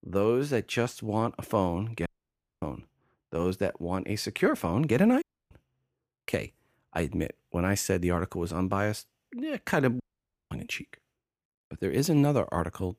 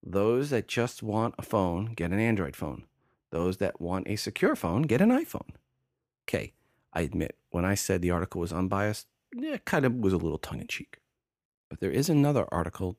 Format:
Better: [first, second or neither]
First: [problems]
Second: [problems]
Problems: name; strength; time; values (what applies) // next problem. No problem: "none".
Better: second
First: audio cutting out; at 2 s for 0.5 s, at 5 s and at 10 s for 0.5 s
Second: none